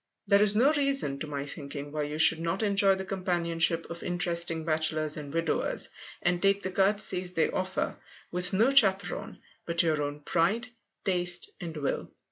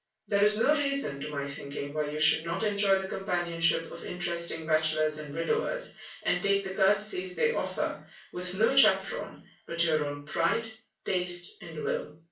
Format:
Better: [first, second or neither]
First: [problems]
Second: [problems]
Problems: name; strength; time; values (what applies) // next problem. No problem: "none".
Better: first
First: none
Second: room echo; dies away in 0.3 s